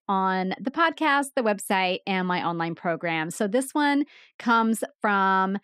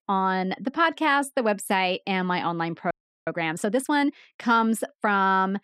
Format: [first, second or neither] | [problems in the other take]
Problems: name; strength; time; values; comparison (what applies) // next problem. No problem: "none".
first | audio freezing; at 3 s